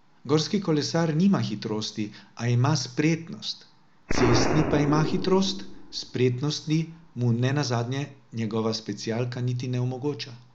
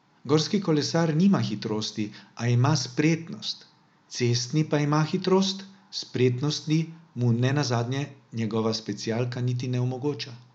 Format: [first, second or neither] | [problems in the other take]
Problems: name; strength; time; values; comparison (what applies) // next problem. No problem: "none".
second | background sound (Explosion); 7 dB below the speech